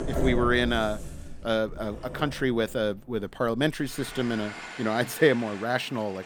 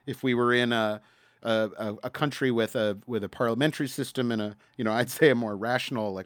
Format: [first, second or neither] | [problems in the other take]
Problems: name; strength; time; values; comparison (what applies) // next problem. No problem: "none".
second | household noises; noticeable; throughout; 10 dB below the speech